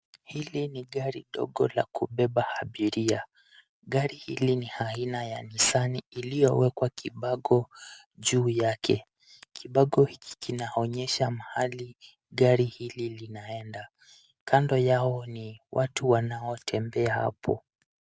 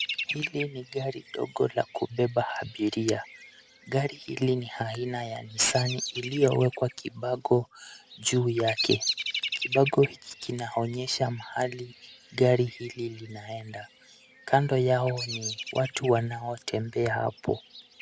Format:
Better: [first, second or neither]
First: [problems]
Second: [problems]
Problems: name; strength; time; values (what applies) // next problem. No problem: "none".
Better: first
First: none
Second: background sound (Bird vocalization, bird call, bird song); 11 dB below the speech